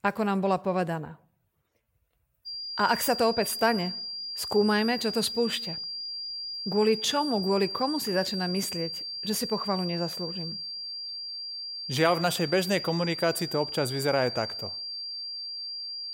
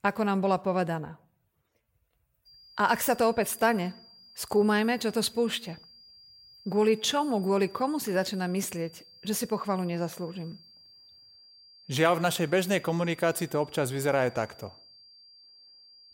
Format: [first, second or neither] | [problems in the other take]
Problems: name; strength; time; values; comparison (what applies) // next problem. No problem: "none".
second | high-pitched whine; loud; from 2.5 s on; 4.5 kHz, 6 dB below the speech; faint in the second